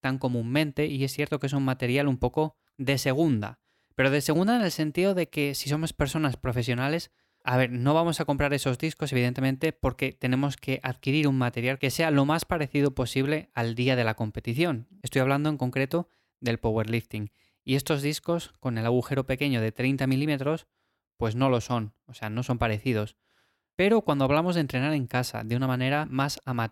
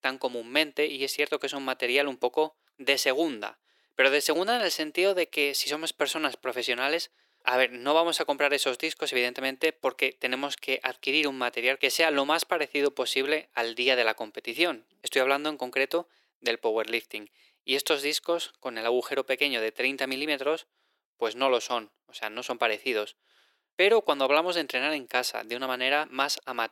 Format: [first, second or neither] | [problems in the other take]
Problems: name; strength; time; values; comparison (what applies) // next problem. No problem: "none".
first | thin; very; fading below 400 Hz